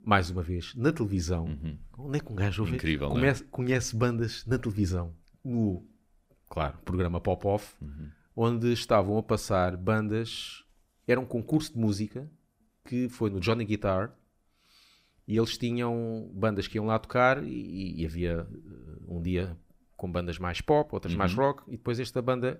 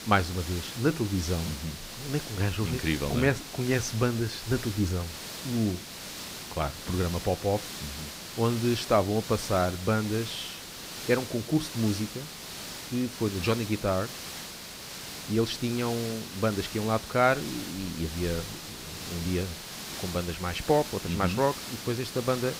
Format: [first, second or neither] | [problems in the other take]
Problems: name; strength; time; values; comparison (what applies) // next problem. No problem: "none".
first | hiss; loud; throughout; 8 dB below the speech